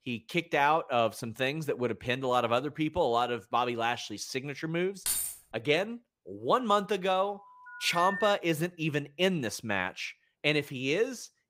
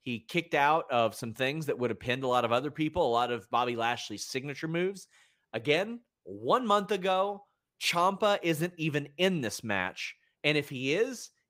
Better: second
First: jangling keys; loud; at 5 s; peak level with the speech // phone ringing; noticeable; at 7.5 s; peak 5 dB below the speech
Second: none

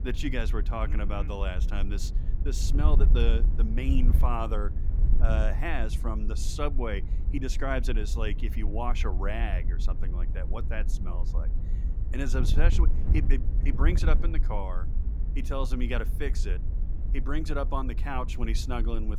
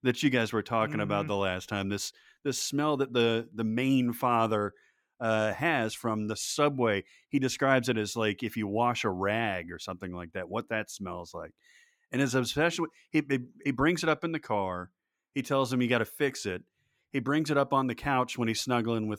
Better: second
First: wind noise on the microphone; occasional gusts; 10 dB below the speech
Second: none

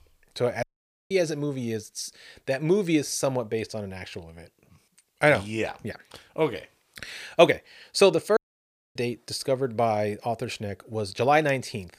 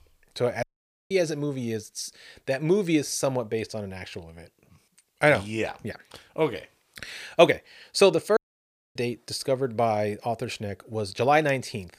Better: neither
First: audio cutting out; at 0.5 s and at 8.5 s for 0.5 s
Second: audio cutting out; at 0.5 s and at 8.5 s for 0.5 s

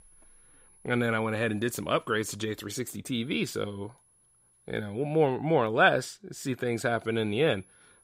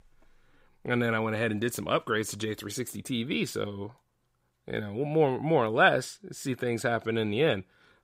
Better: second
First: high-pitched whine; faint; until 2.5 s, from 3 to 5.5 s and from 6.5 s on; 10.5 kHz, 30 dB below the speech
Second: none

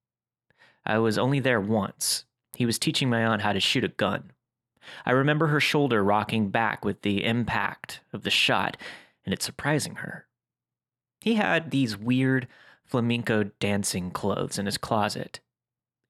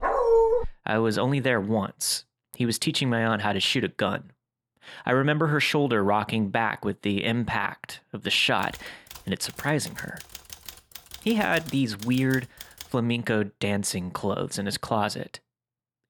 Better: first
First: none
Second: dog barking; loud; at the start; peak 5 dB above the speech // keyboard typing; faint; from 8.5 to 13 s; peak 15 dB below the speech

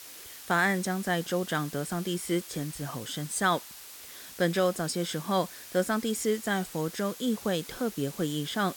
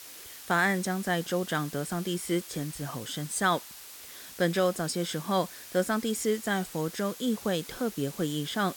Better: neither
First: hiss; noticeable; throughout; 15 dB below the speech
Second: hiss; noticeable; throughout; 15 dB below the speech

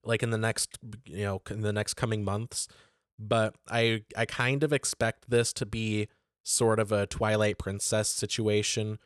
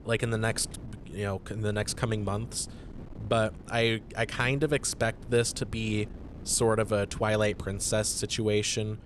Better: first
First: none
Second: wind noise on the microphone; occasional gusts; 20 dB below the speech

